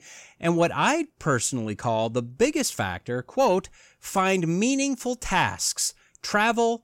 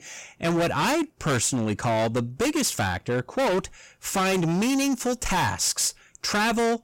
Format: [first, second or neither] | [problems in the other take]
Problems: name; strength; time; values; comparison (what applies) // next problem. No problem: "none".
first | distortion; heavy; 25% of the sound clipped